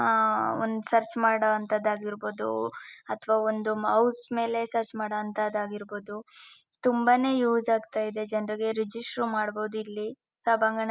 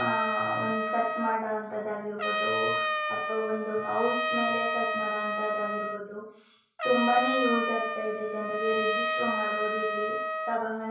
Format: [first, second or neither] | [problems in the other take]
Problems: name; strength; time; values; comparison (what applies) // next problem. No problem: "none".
first | background sound (Trumpet); as loud as the speech // room echo; dies away in 0.6 s